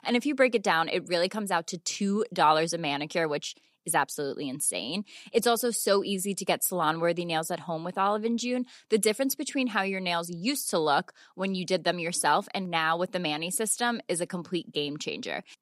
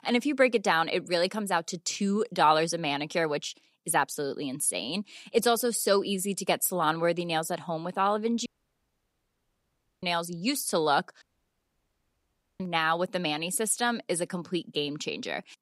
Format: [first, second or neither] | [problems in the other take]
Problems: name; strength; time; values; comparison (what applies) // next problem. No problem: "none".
first | audio cutting out; at 8.5 s for 1.5 s and at 11 s for 1.5 s